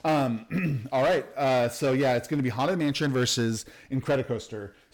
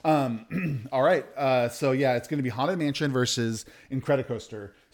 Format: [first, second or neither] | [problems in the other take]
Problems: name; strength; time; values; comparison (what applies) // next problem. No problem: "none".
second | distortion; slight; 9% of the sound clipped